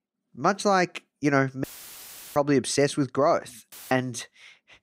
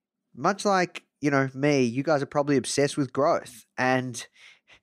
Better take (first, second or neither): second